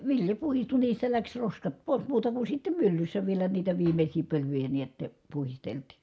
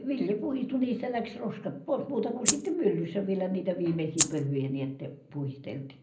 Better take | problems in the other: first | background sound (Rattle (instrument)); 3 dB above the speech // room echo; dies away in 0.5 s

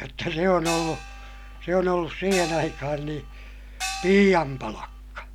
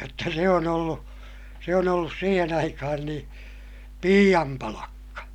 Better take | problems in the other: second | background sound (Gong); 11 dB below the speech

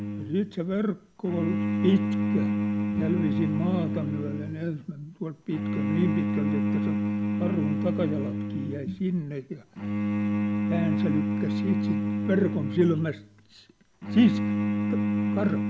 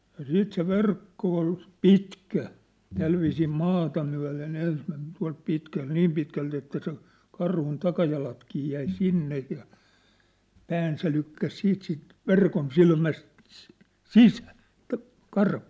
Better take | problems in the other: second | background sound (Bowed string instrument); 1 dB above the speech

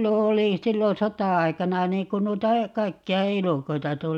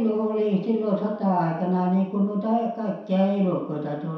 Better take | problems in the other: first | room echo; dies away in 0.7 s

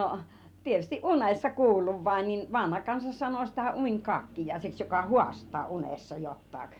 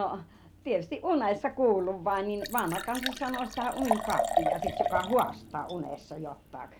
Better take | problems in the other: first | background sound (Liquid); 4 dB below the speech

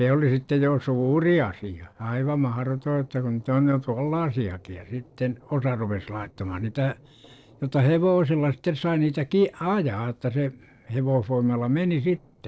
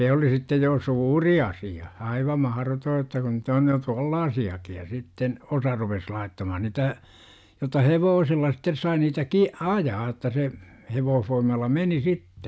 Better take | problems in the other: second | noise reduction (neural separator model SepFormer DNS4)

